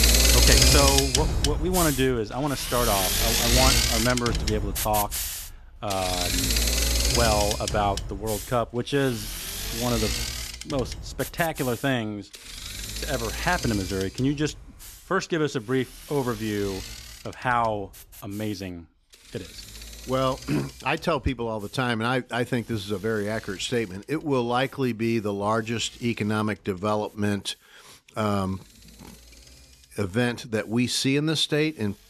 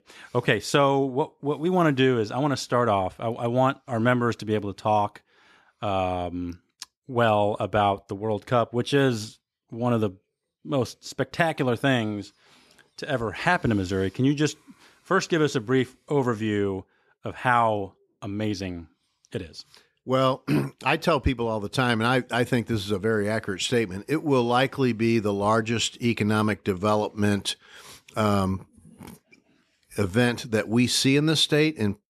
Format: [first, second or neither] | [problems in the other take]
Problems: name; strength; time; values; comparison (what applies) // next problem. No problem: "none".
second | machinery noise; very loud; throughout; 2 dB above the speech